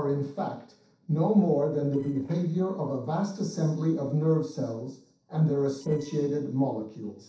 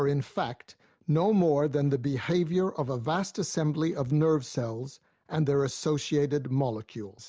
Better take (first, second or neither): second